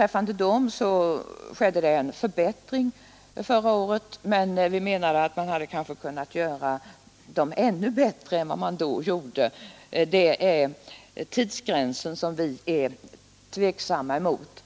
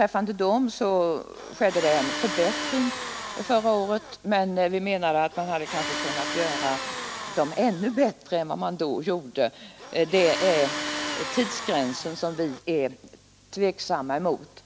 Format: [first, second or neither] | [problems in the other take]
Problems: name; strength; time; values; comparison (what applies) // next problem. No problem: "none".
first | background sound (Tools); 7 dB below the speech